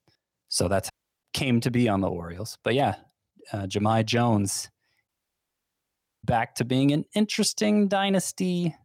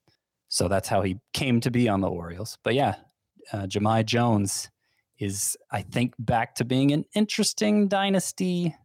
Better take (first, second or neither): second